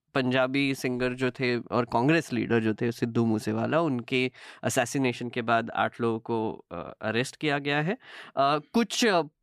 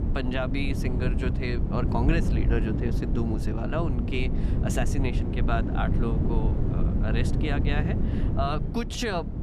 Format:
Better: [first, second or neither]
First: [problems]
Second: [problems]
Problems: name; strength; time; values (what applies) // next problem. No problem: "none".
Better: first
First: none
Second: wind noise on the microphone; heavy; 5 dB below the speech